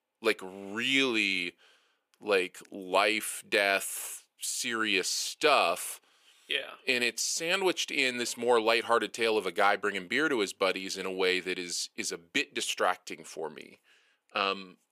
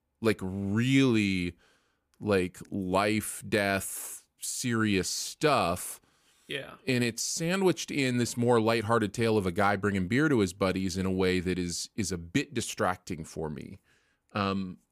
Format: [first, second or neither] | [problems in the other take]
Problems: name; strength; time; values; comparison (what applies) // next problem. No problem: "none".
second | thin; somewhat; fading below 500 Hz